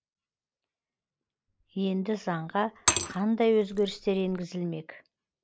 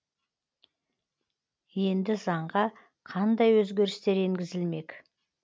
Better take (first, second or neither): second